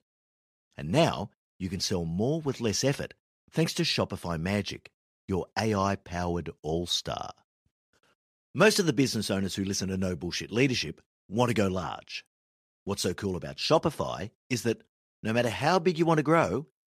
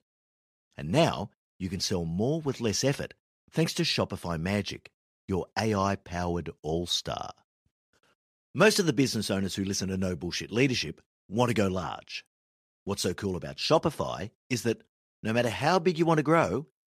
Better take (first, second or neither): neither